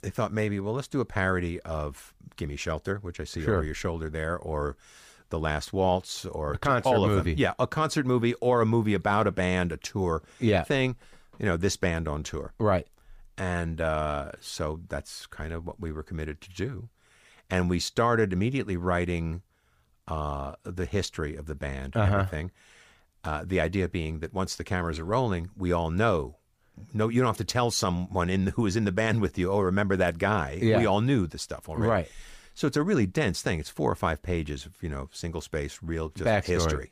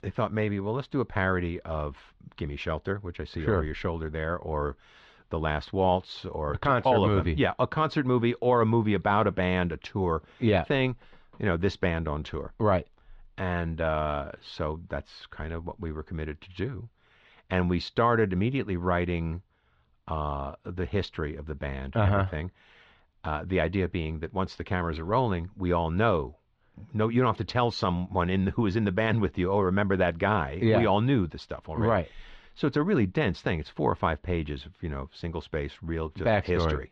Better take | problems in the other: first | muffled; slightly; fading above 3.5 kHz

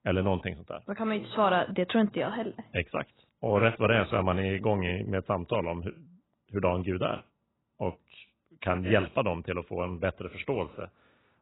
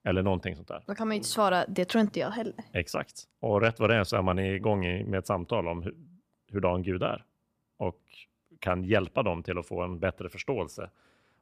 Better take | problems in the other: second | garbled, watery; badly; nothing above 4 kHz

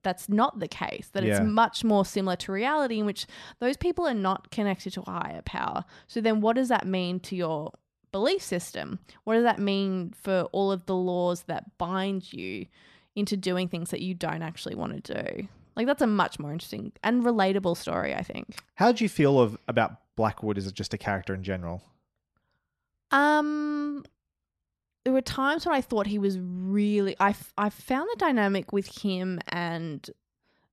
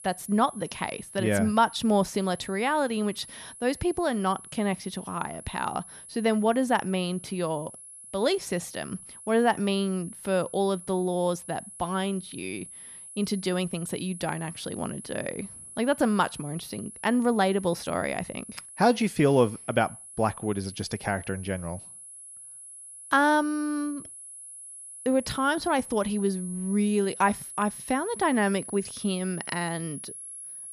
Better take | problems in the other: first | high-pitched whine; noticeable; throughout; 10.5 kHz, 15 dB below the speech

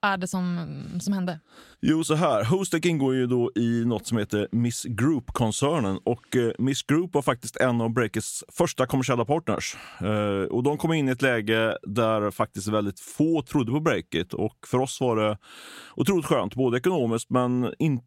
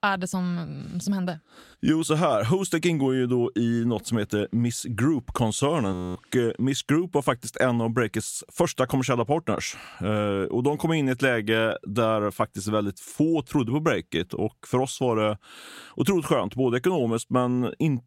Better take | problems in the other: first | audio freezing; at 6 s

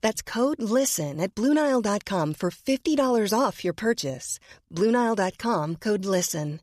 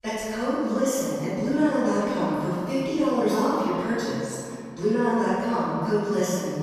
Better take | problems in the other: first | room echo; strong; dies away in 2.4 s // off-mic speech; far

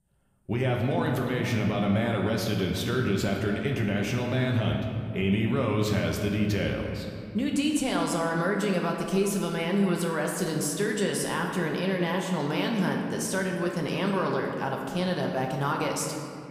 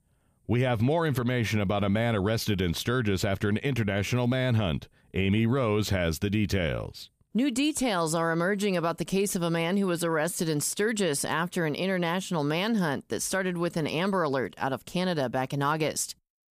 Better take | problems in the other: second | room echo; noticeable; dies away in 1.9 s // off-mic speech; somewhat distant

